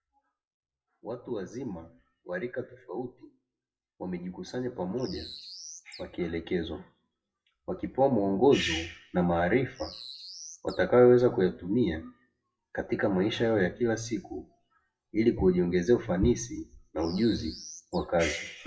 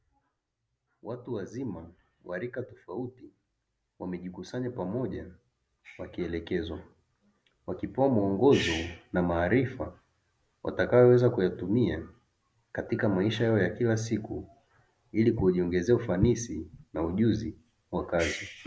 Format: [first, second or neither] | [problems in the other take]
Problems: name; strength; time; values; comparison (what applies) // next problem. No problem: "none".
second | noise reduction (classical method WPE with log-MMSE)